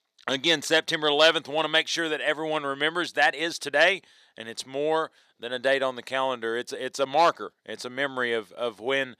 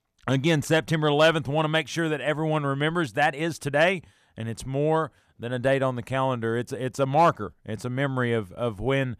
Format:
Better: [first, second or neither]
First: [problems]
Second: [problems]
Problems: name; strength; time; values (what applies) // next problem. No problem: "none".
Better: second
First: thin; somewhat; fading below 400 Hz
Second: none